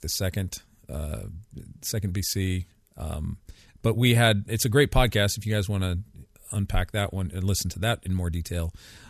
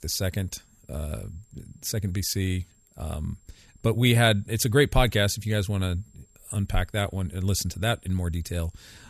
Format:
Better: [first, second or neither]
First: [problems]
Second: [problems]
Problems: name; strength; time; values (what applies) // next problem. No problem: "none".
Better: first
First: none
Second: high-pitched whine; faint; throughout; 7.5 kHz, 35 dB below the speech